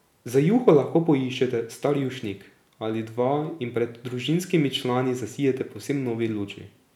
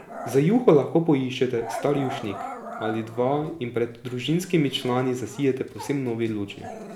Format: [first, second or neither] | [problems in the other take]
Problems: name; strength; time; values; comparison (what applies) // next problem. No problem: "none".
first | background sound (Growling); 14 dB below the speech